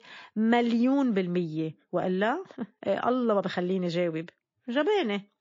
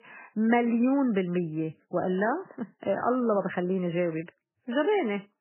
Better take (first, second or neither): first